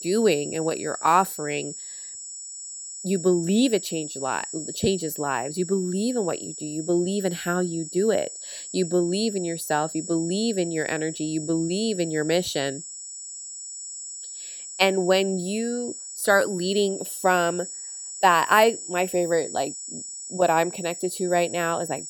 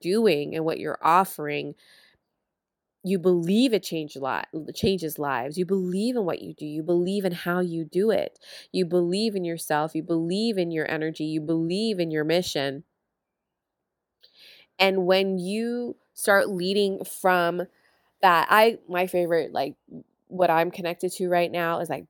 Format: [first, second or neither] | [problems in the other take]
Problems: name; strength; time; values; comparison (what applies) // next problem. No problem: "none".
second | high-pitched whine; loud; throughout; 8 kHz, 10 dB below the speech